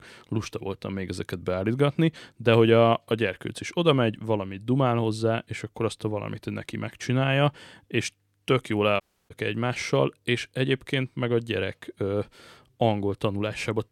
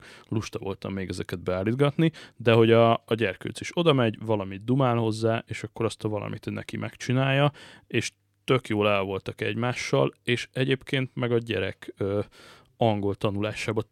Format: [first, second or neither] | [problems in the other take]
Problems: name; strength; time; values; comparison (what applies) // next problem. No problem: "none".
second | audio cutting out; at 9 s